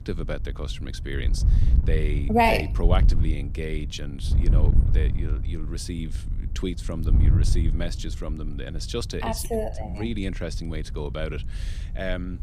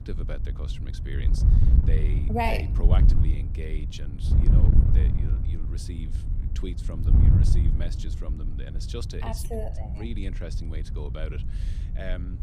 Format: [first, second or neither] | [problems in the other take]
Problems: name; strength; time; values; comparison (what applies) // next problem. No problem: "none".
first | wind noise on the microphone; heavy; 4 dB below the speech; occasional gusts in the first